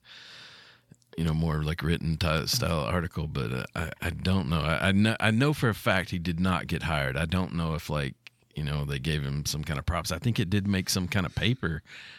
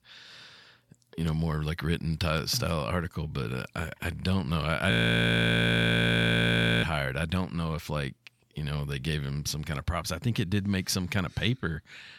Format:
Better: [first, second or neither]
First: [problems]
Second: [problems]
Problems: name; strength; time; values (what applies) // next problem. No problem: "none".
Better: first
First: none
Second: audio freezing; at 5 s for 2 s